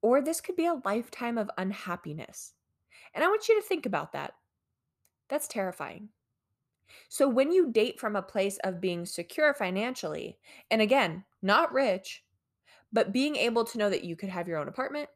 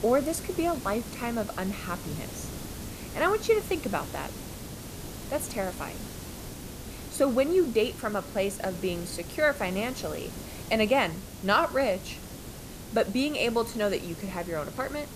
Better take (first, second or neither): first